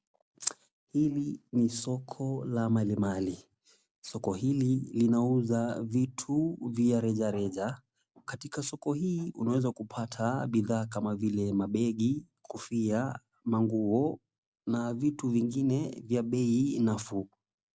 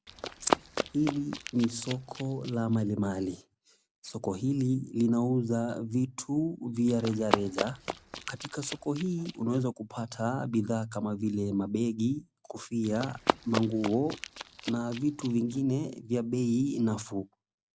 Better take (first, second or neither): first